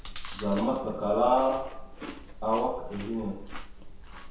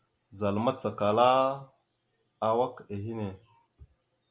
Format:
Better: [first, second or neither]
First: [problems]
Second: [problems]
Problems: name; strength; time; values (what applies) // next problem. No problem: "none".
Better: second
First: background sound (Chewing, mastication); 10 dB below the speech // room echo; dies away in 0.7 s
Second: none